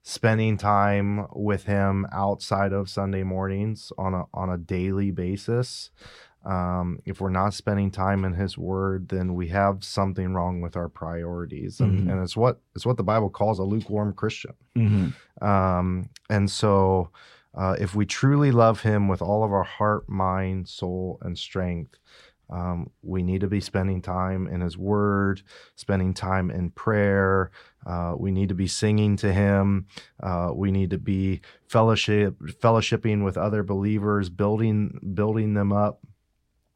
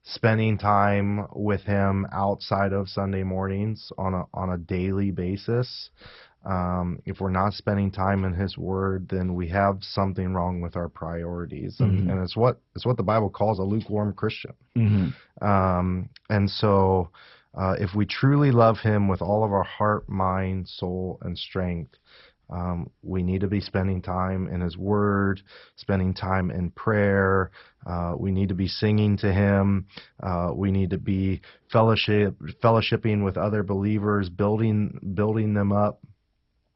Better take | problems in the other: first | garbled, watery; badly; nothing above 5.5 kHz

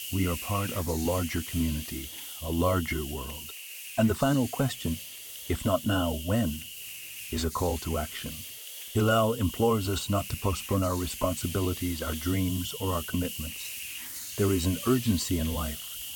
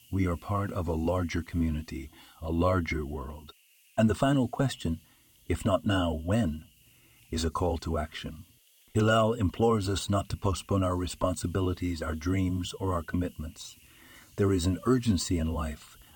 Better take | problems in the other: second | hiss; loud; throughout; 8 dB below the speech; faint in the second

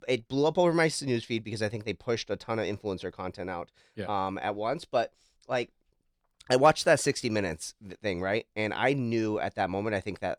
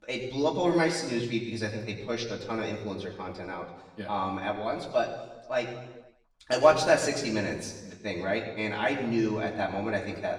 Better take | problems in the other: first | room echo; slight; dies away in 1 s // off-mic speech; far

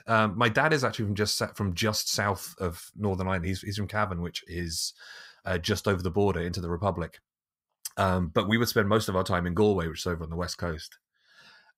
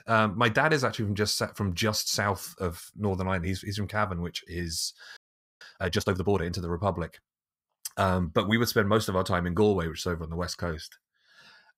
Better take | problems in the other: first | audio freezing; at 5 s

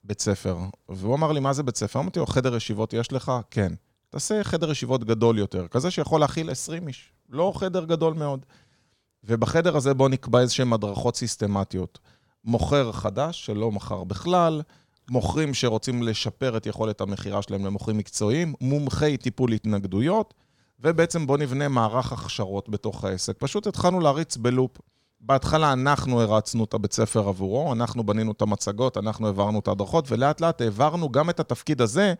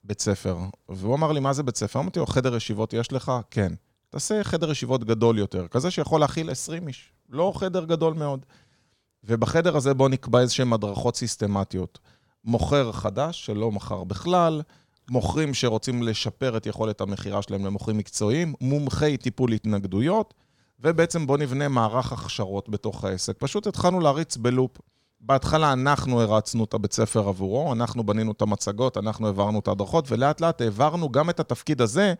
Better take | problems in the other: neither | none

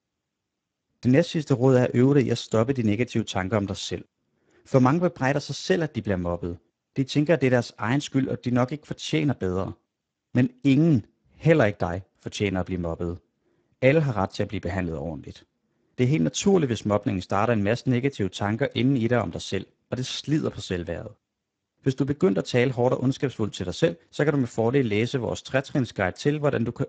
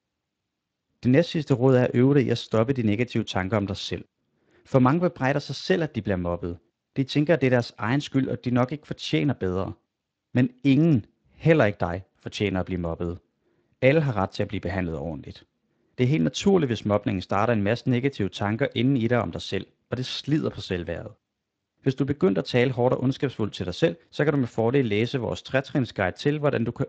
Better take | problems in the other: second | garbled, watery; badly; nothing above 7.5 kHz; slightly in the second

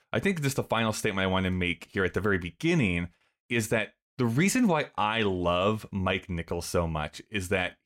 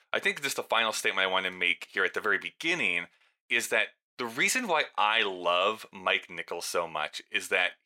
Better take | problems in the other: first | thin; very; fading below 550 Hz

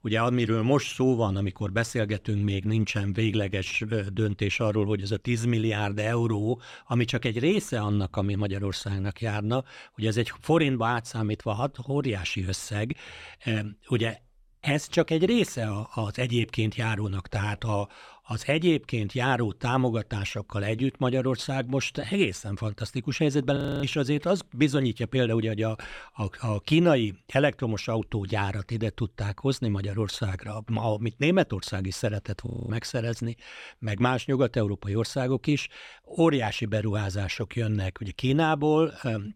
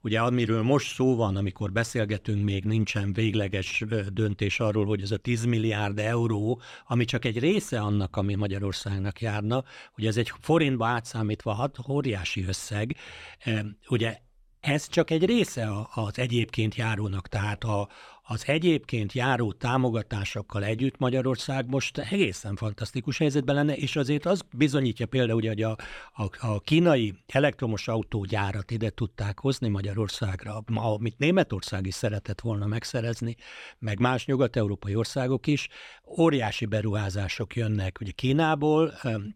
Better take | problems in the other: second | audio freezing; at 24 s and at 32 s

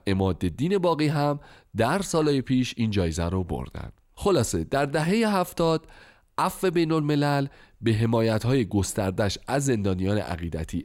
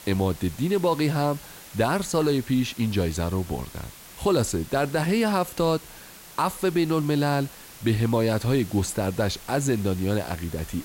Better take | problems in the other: first | hiss; noticeable; throughout; 15 dB below the speech

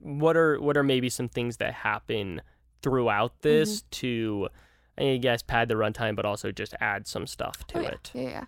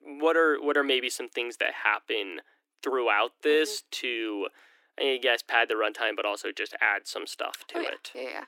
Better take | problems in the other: first | thin; somewhat; fading below 300 Hz

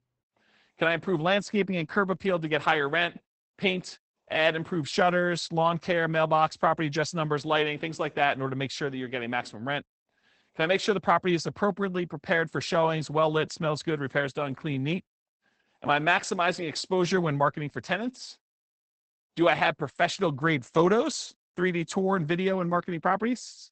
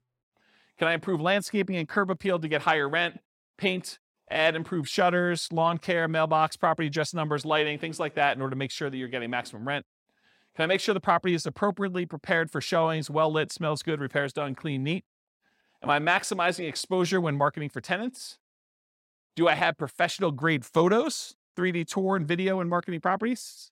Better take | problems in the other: second | garbled, watery; badly; nothing above 8 kHz

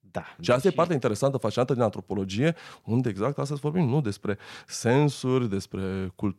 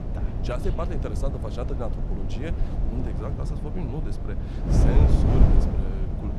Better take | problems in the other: first | wind noise on the microphone; heavy; 1 dB above the speech

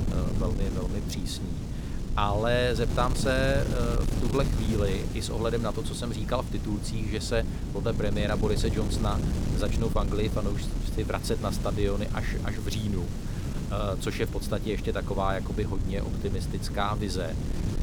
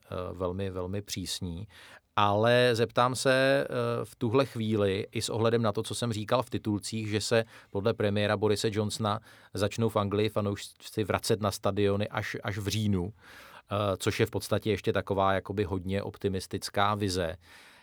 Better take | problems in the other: second | wind noise on the microphone; heavy; 8 dB below the speech

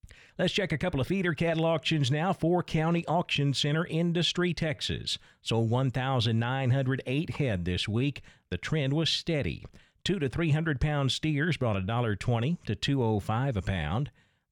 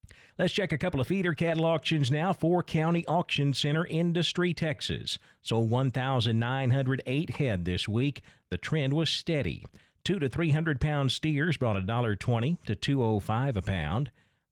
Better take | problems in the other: first | garbled, watery; slightly; nothing above 17.5 kHz

